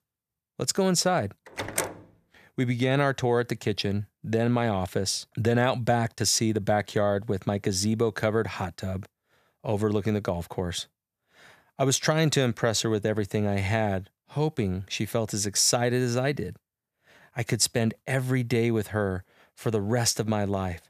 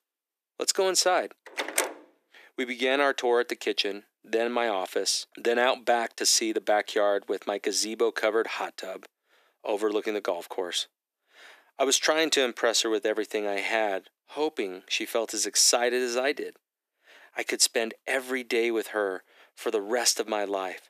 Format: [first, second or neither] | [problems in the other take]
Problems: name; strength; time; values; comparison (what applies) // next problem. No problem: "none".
first | thin; very; fading below 300 Hz